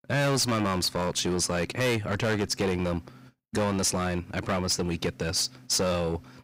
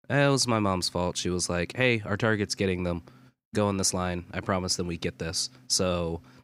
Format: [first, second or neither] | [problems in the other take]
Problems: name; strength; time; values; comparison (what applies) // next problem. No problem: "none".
second | distortion; heavy; 14% of the sound clipped